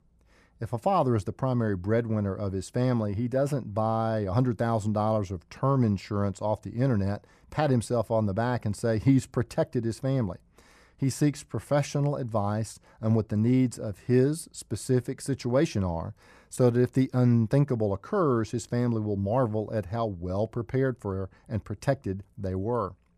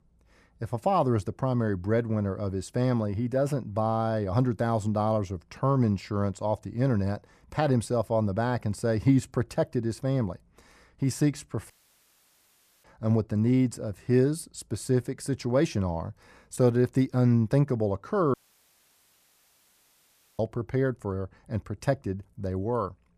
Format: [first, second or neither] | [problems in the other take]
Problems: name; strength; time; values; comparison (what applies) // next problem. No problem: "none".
first | audio cutting out; at 12 s for 1 s and at 18 s for 2 s